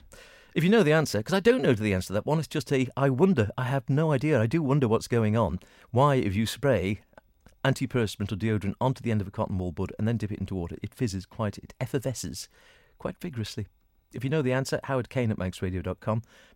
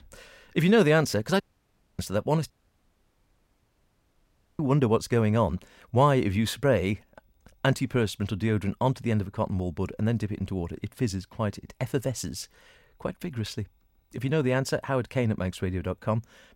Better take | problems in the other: first | audio cutting out; at 1.5 s for 0.5 s and at 2.5 s for 2 s

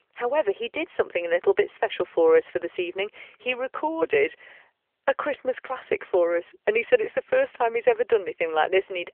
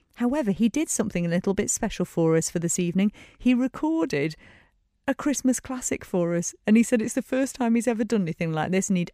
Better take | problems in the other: second | phone-call audio; nothing above 3 kHz

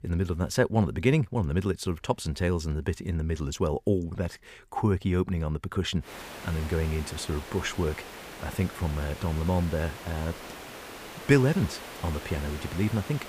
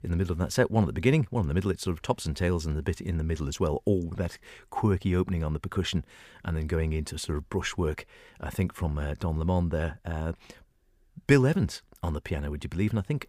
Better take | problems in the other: second | hiss; noticeable; from 6 s on; 10 dB below the speech

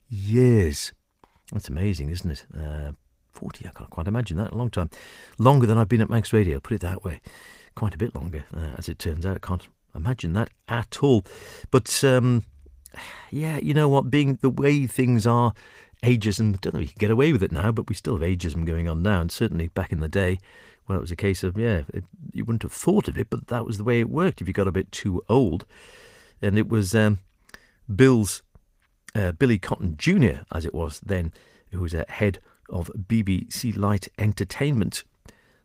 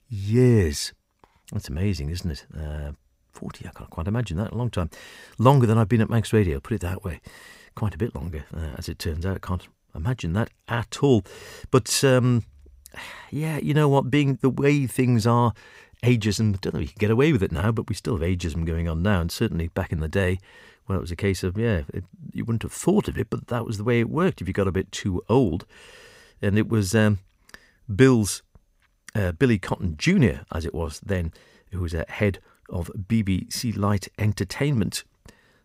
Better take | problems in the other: second | garbled, watery; slightly; nothing above 15.5 kHz

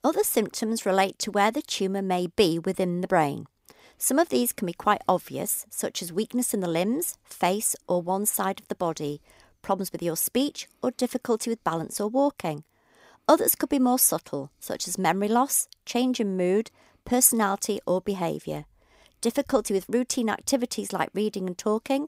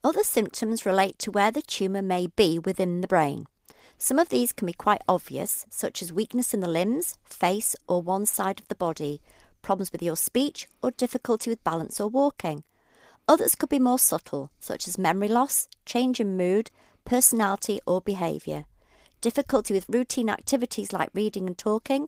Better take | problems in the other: first | garbled, watery; slightly; nothing above 15.5 kHz

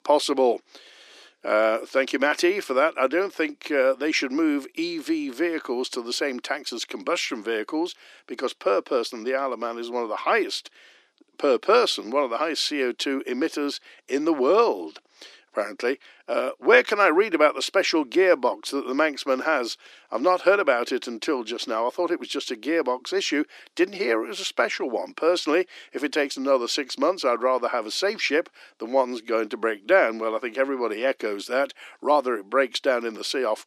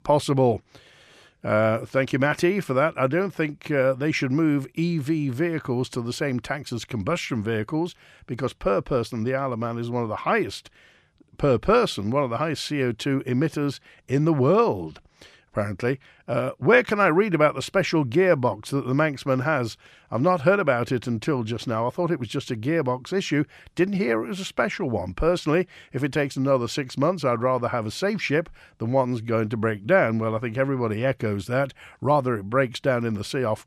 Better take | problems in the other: second | thin; somewhat; fading below 300 Hz

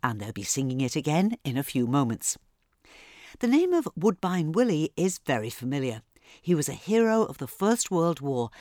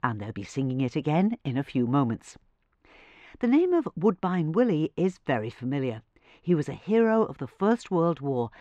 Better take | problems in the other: first | muffled; very; fading above 2.5 kHz

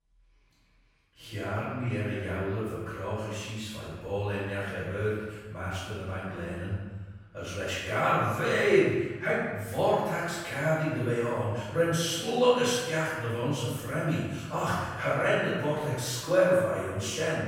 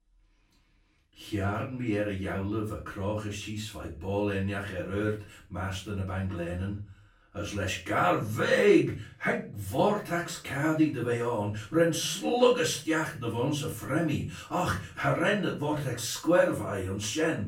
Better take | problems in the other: second | room echo; strong; dies away in 1.1 s; slight in the second // off-mic speech; far; far in the second

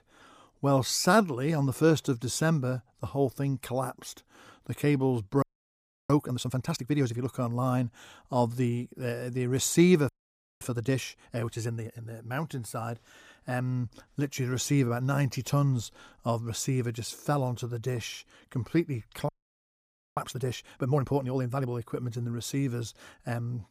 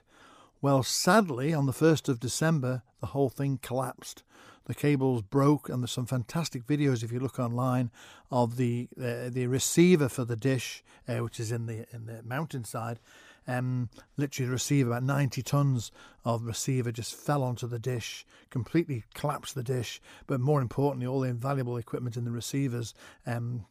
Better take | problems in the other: second | audio freezing; at 5.5 s for 0.5 s, at 10 s for 0.5 s and at 19 s for 1 s

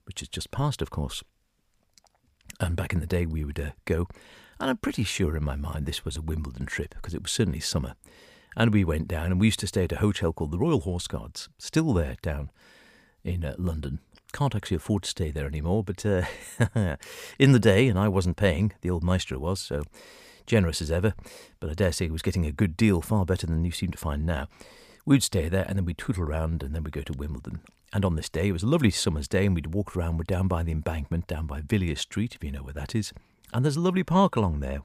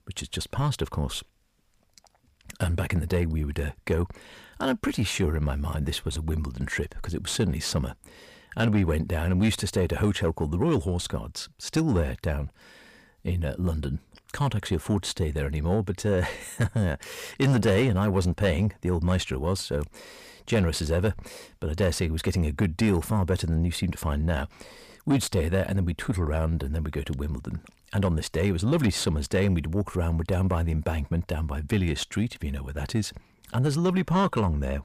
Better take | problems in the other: first | distortion; slight; 10 dB below the speech

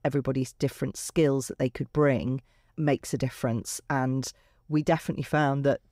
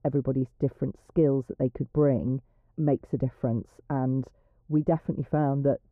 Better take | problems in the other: first | muffled; very; fading above 1.5 kHz

